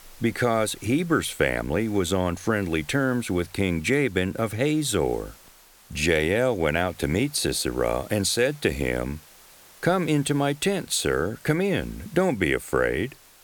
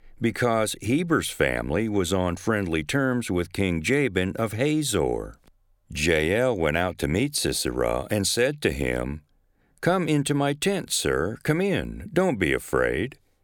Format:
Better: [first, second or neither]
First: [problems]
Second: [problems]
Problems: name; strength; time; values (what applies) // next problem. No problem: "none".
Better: second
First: hiss; faint; throughout; 25 dB below the speech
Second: none